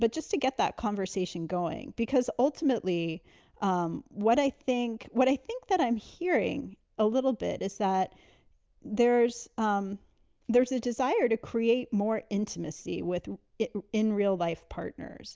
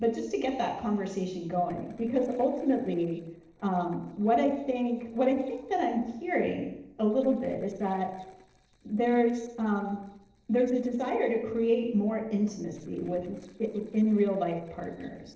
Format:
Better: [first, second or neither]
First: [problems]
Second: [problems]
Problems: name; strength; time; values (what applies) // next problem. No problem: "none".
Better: first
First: none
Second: noise reduction (neural separator model SepFormer DNS4)